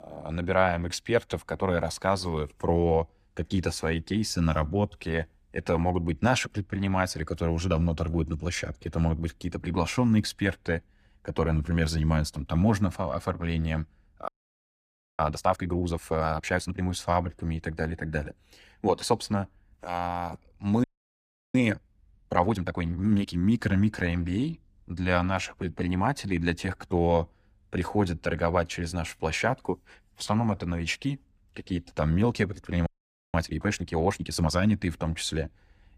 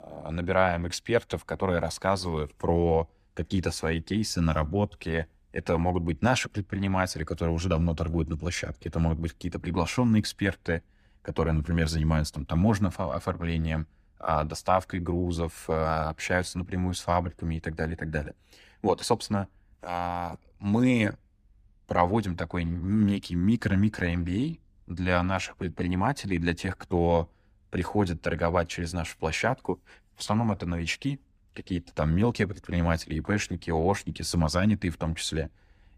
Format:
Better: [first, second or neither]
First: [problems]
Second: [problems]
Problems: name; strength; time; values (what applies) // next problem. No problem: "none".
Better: second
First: audio freezing; at 14 s for 1 s, at 21 s for 0.5 s and at 33 s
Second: none